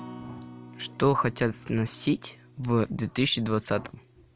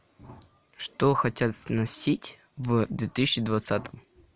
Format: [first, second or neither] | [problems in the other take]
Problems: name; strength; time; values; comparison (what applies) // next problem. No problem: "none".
second | background sound (Acoustic guitar); 19 dB below the speech